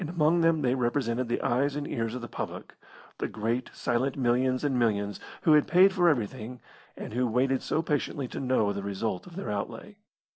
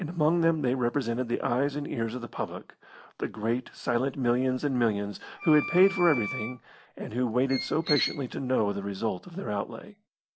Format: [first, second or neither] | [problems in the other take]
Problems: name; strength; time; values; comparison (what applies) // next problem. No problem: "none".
first | background sound (Wind instrument, woodwind instrument + Squeak); 7 dB below the speech